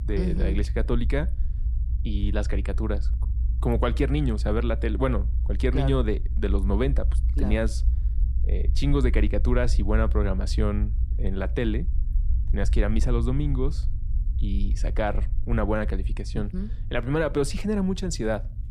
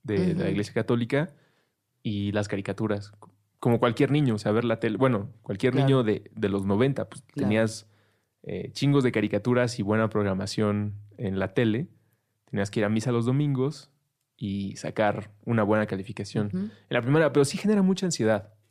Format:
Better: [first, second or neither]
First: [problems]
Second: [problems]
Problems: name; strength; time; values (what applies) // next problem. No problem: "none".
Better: second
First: low rumble; noticeable; throughout; 20 dB below the speech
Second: none